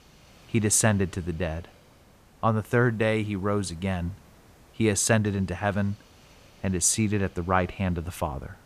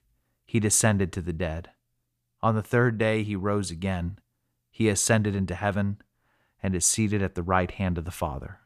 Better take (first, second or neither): second